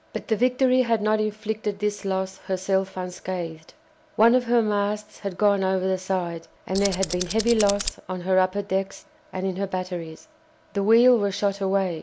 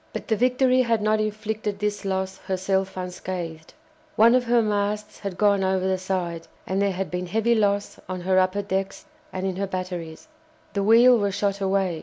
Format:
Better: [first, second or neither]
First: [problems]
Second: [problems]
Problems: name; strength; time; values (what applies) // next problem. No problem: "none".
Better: second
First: background sound (Tools); 7 dB below the speech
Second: none